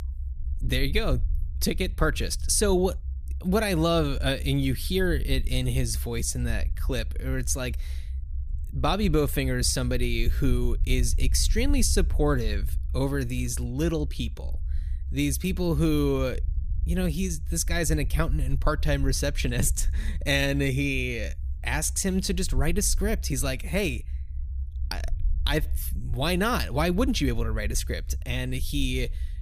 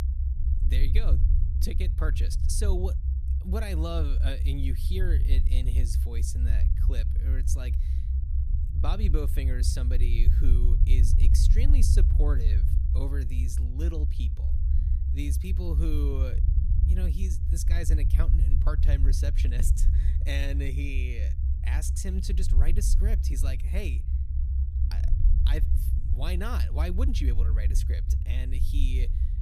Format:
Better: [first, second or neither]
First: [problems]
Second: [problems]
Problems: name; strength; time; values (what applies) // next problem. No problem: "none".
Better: first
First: low rumble; faint; throughout; 25 dB below the speech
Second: low rumble; loud; throughout; 6 dB below the speech